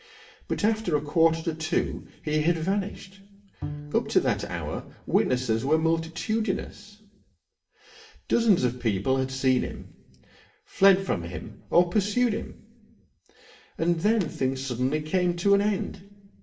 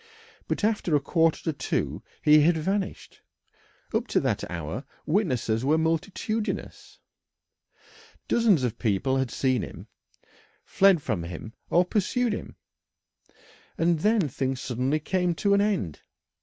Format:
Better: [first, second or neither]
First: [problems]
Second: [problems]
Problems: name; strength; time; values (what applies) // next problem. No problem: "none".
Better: second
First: background sound (Bowed string instrument); 14 dB below the speech // room echo; dies away in 0.6 s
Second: none